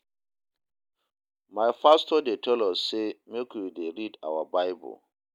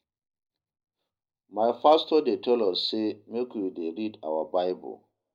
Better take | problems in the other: first | room echo; dies away in 0.4 s

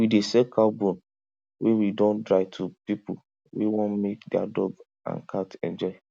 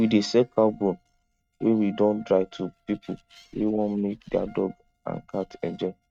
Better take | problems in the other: first | noise reduction (neural mask model RNNoise)

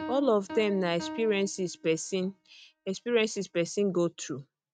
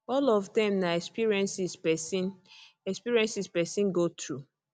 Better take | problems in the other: second | noise reduction (neural mask model RNNoise)

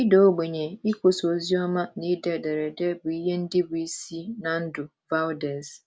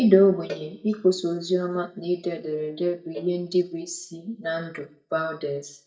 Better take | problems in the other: first | noise reduction (neural mask model DeepFilterNet 3)

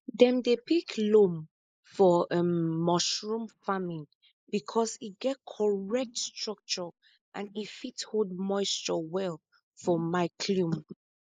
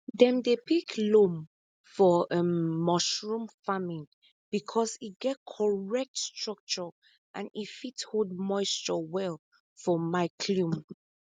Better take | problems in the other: second | noise reduction (neural mask model Resemble Enhance denoiser)

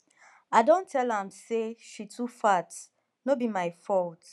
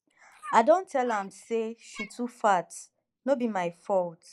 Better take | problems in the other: first | noise reduction (neural mask model Resemble Enhance denoiser)

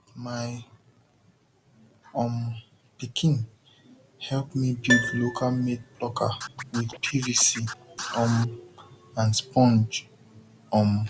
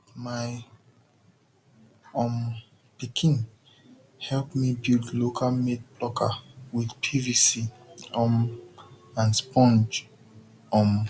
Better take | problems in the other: second | background sound (Piano + Scratching (performance technique)); 11 dB below the speech

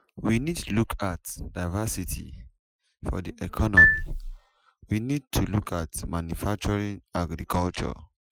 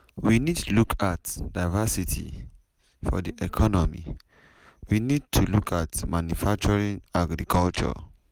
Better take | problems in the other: second | noise reduction (classical method Wiener filter)

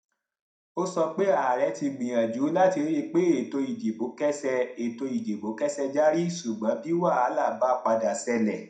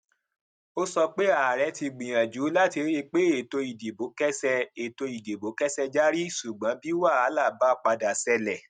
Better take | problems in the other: second | room echo; dies away in 0.4 s

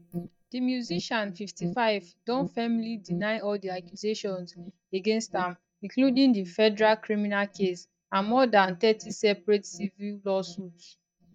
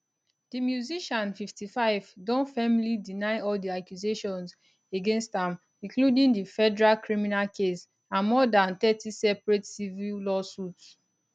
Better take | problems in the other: second | noise reduction (neural mask model DeepFilterNet 3)

